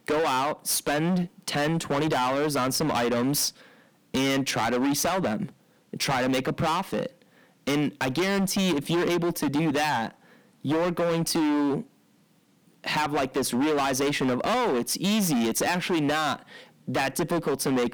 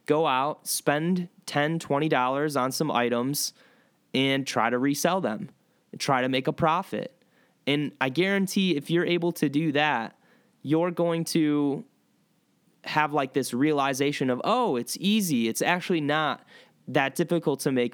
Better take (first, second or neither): second